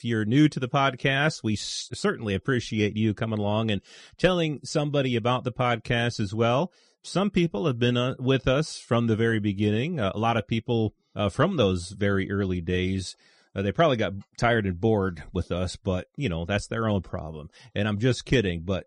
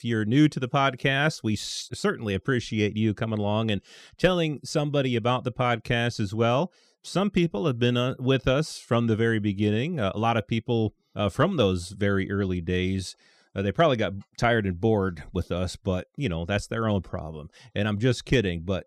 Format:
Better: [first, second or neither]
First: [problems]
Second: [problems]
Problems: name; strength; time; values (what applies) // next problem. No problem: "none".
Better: second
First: garbled, watery; slightly; nothing above 9.5 kHz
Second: none